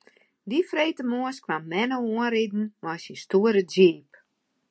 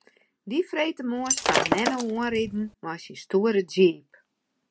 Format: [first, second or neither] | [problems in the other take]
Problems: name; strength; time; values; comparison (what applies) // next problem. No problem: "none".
first | background sound (Shatter); as loud as the speech